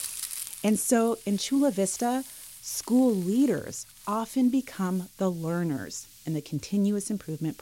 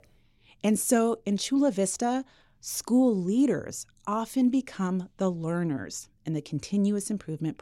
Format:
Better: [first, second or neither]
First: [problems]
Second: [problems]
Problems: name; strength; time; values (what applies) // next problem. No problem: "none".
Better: second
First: hiss; noticeable; throughout; 15 dB below the speech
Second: none